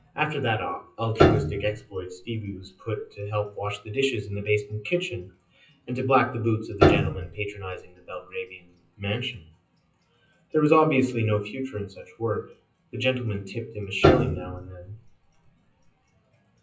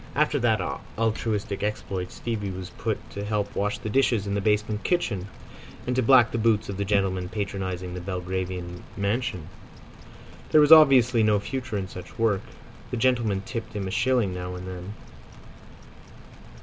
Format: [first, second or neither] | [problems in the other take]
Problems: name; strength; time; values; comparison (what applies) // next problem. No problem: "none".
second | noise reduction (classical method WPE with log-MMSE)